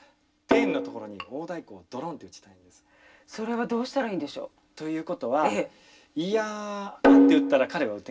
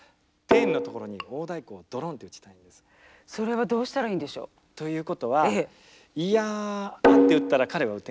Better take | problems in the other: second | room echo; dies away in 0.1 s

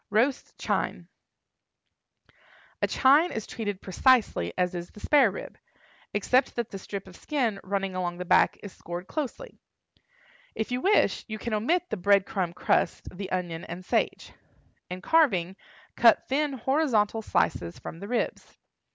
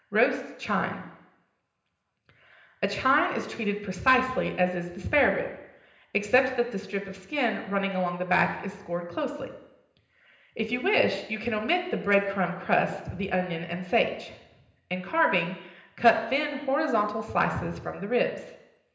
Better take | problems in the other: first | room echo; dies away in 0.9 s

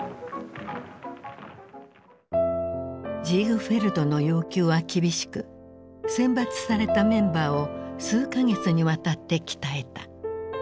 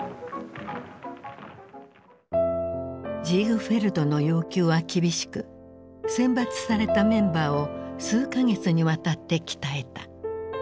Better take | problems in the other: second | background sound (Wind instrument, woodwind instrument); 13 dB below the speech

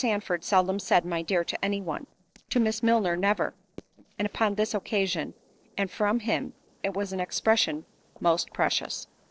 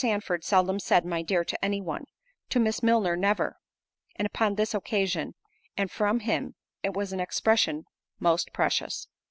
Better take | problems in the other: second | noise reduction (neural separator model SepFormer DNS4)

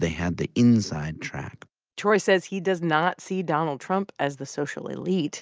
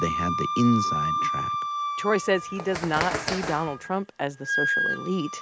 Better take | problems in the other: first | background sound (Wind instrument, woodwind instrument + Bird); 1 dB below the speech

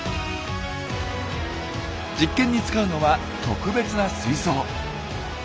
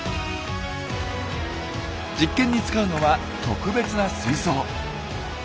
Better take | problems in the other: first | background sound (Dishes, pots, and pans / Chink, clink); 15 dB below the speech

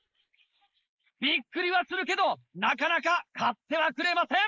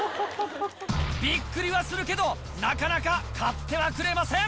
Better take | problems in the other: second | noise reduction (neural mask model Resemble Enhance denoiser)

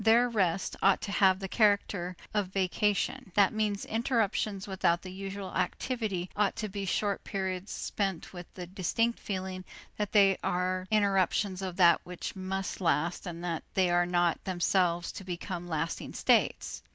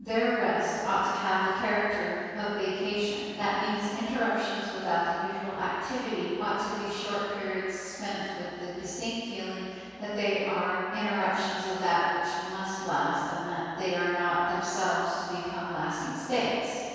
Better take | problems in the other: first | room echo; dies away in 2.2 s

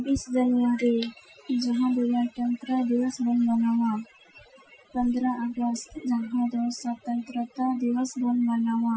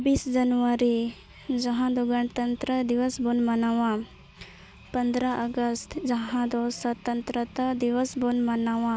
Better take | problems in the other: second | noise reduction (classical method Wiener filter)

